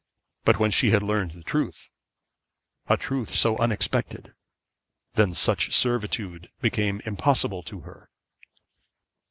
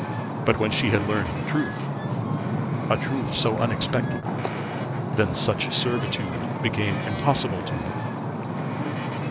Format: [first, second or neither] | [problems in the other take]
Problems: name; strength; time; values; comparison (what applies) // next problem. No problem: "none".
first | background sound (Wind / Ocean); as loud as the speech